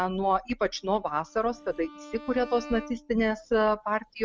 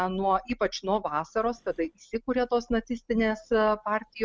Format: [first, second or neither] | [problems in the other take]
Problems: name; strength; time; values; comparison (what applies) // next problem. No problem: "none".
second | background sound (Bowed string instrument); 19 dB below the speech